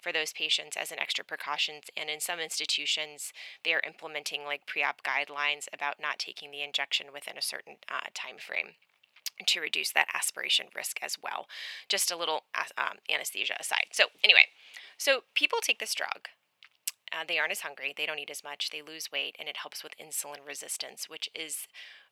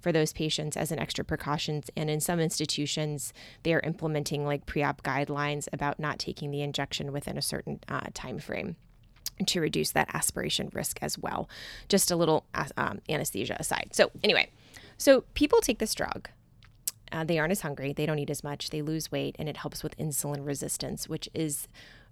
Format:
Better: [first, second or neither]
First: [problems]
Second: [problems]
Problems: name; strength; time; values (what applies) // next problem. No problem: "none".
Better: second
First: thin; very; fading below 850 Hz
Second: none